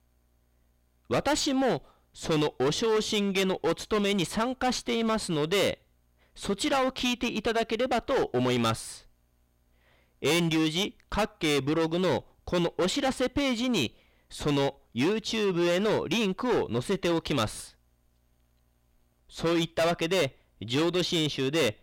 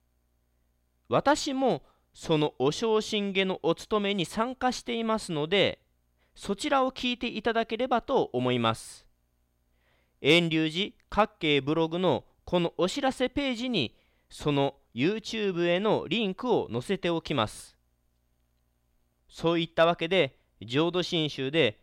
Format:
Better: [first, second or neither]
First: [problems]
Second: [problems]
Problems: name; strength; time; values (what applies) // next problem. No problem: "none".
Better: second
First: distortion; heavy; 13% of the sound clipped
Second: none